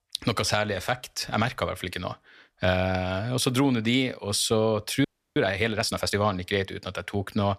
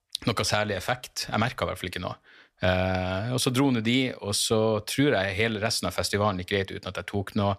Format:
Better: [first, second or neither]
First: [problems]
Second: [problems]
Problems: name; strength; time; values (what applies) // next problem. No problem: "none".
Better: second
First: audio freezing; at 5 s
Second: none